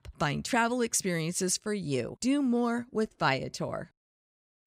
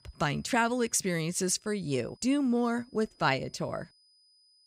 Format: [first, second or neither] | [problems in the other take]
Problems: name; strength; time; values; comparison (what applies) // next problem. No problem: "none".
first | high-pitched whine; faint; throughout; 5 kHz, 30 dB below the speech